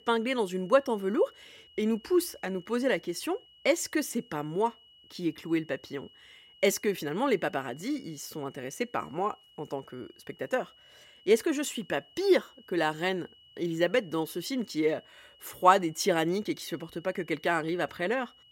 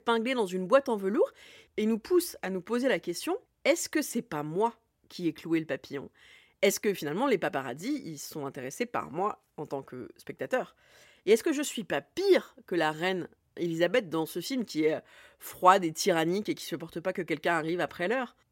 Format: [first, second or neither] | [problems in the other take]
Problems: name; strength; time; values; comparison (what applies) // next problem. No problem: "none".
second | high-pitched whine; faint; throughout; 3 kHz, 25 dB below the speech